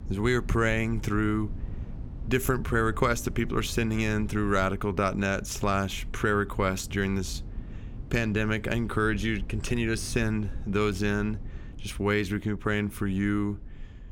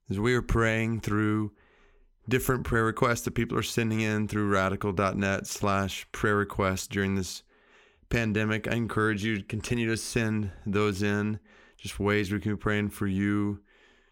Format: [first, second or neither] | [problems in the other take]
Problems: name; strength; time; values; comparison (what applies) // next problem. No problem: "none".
second | low rumble; faint; throughout; 25 dB below the speech